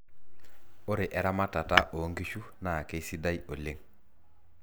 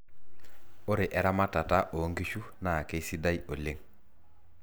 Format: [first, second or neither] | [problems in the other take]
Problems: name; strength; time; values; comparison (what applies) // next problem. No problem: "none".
second | background sound (Tap / Hammer); 2 dB above the speech